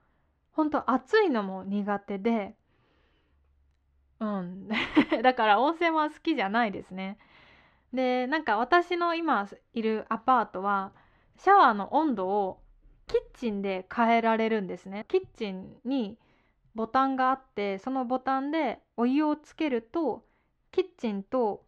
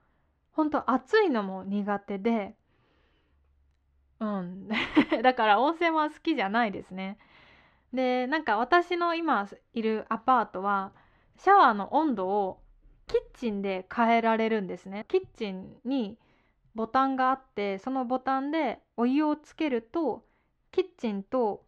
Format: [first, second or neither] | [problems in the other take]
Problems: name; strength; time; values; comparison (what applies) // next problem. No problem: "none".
neither | muffled; slightly; fading above 2.5 kHz; the same in both